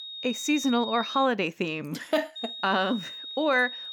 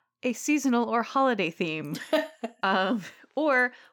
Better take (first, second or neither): second